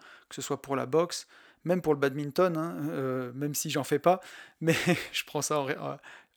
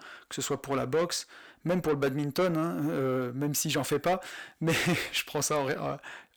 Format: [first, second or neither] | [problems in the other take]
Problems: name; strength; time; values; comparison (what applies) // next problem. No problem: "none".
first | distortion; heavy; 7 dB below the speech